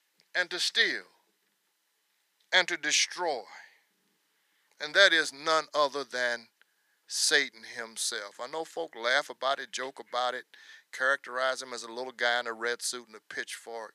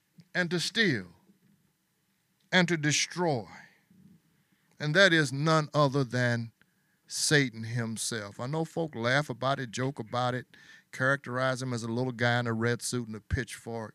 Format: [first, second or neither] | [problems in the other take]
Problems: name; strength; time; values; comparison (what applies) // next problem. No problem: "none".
second | thin; very; fading below 450 Hz